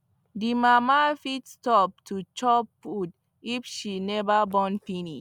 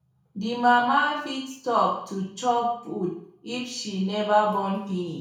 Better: first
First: none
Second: room echo; dies away in 0.5 s

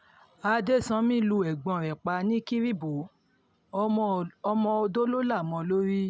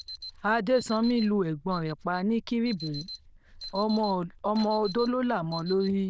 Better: first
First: none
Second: noise reduction (neural diffusion model UNIVERSE++)

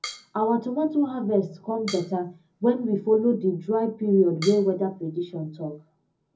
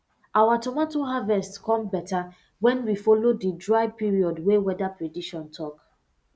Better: second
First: background sound (Drum kit); 19 dB below the speech // room echo; dies away in 0.4 s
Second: none

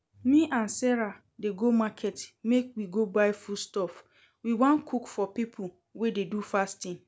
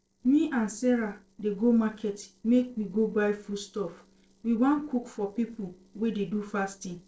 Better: first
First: none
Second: noise reduction (neural separator model SepFormer DNS4)

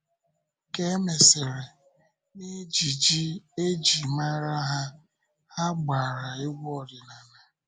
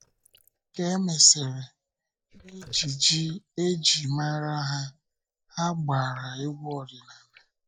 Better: first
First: none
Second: noise reduction (neural mask model DeepFilterNet 3)

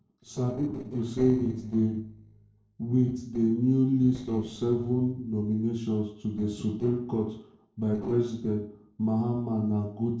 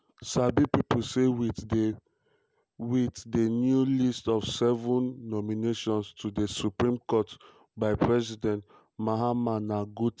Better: second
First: noise reduction (neural separator model SepFormer DNS4)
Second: none

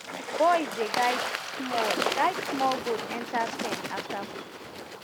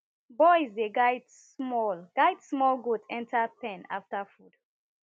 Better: second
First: background sound (Water / Bird); 3 dB below the speech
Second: none

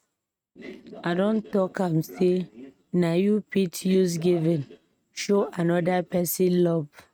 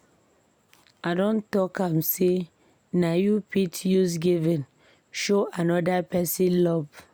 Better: second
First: noise reduction (neural mask model RNNoise)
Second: none

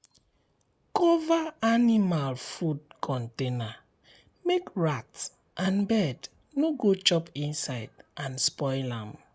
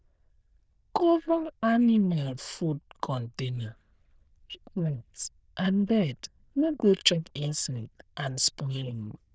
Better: first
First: none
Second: noise reduction (neural diffusion model UNIVERSE++)

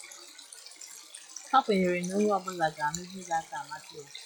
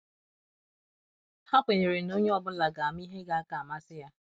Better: second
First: noise reduction (classical method log-MMSE)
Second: none

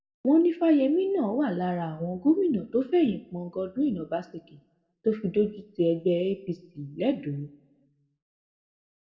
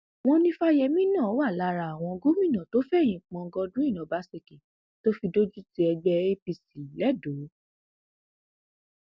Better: second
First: room echo; dies away in 0.5 s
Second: none

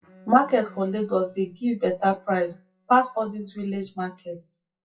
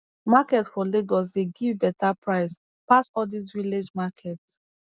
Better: second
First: noise reduction (classical method WPE with log-MMSE)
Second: none

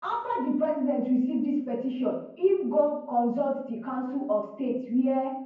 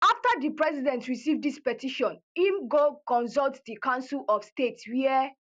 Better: second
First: room echo; dies away in 0.9 s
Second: none

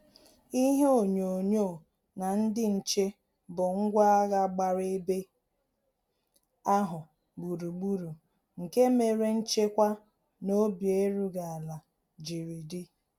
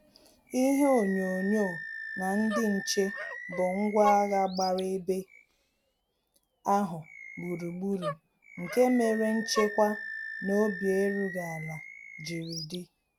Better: first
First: none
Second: background sound (Animal + Dog); 11 dB below the speech

